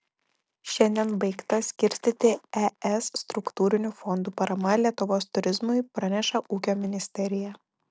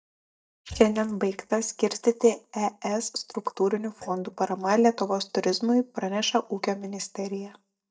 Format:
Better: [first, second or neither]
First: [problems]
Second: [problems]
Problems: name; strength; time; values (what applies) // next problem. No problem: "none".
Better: first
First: none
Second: noise reduction (neural mask model DeepFilterNet 3)